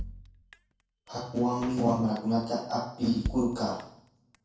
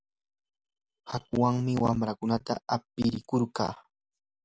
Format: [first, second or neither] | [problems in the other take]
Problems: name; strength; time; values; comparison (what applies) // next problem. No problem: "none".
second | background sound (Drum kit); 13 dB below the speech // room echo; dies away in 0.6 s